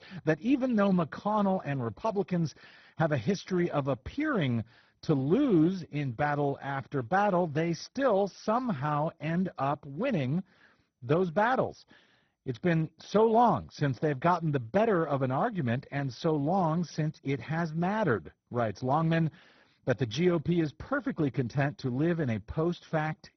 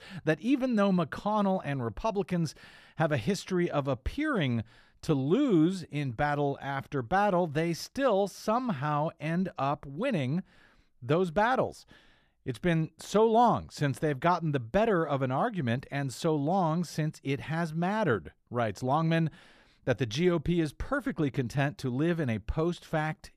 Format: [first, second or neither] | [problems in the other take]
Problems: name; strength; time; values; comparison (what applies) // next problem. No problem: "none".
second | garbled, watery; badly; nothing above 6 kHz